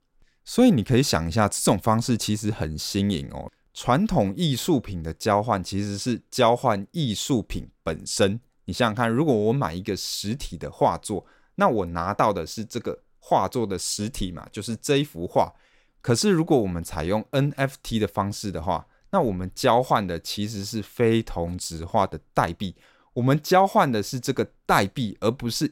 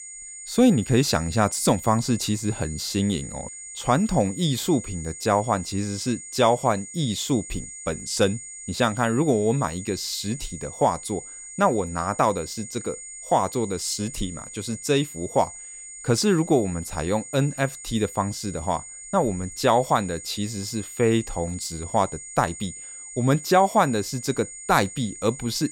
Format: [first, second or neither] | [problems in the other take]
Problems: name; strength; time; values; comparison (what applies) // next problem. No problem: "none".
first | high-pitched whine; noticeable; throughout; 7 kHz, 10 dB below the speech